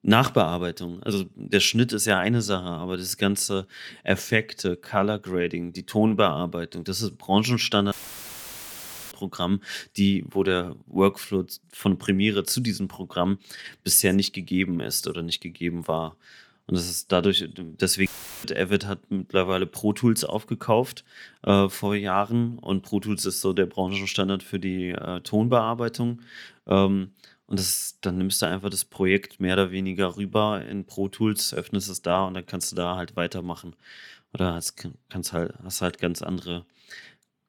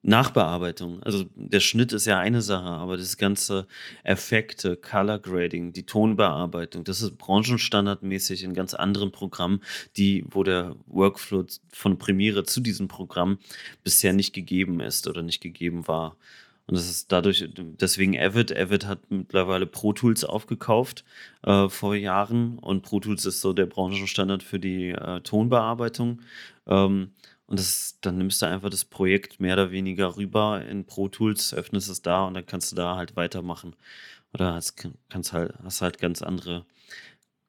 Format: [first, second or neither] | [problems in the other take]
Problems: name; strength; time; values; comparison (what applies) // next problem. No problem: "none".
second | audio cutting out; filled with static; at 8 s for 1 s and at 18 s